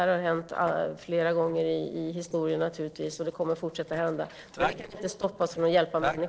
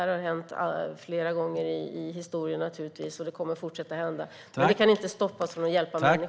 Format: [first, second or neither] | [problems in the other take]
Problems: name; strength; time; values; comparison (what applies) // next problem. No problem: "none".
second | noise reduction (neural separator model SepFormer DNS4)